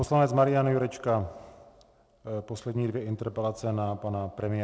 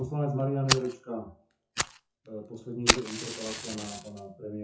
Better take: first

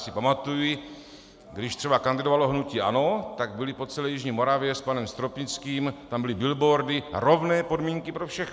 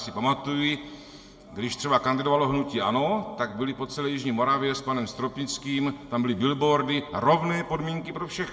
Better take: first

